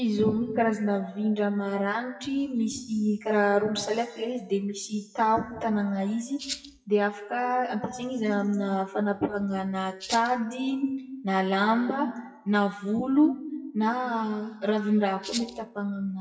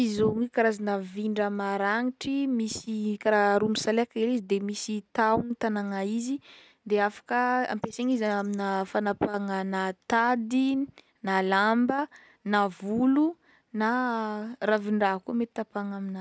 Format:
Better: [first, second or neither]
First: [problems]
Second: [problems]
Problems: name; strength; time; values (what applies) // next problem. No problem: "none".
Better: second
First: noise reduction (classical method WPE with log-MMSE)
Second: none